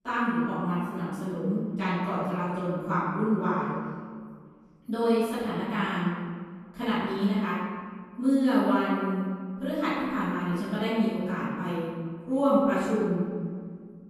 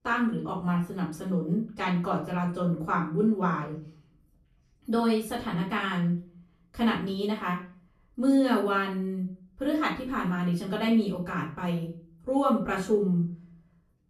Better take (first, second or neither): second